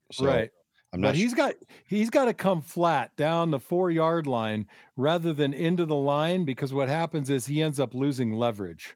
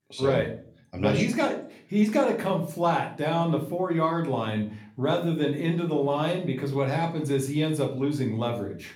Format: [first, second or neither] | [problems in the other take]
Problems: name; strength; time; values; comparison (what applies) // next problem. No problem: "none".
first | room echo; slight; dies away in 0.4 s // off-mic speech; somewhat distant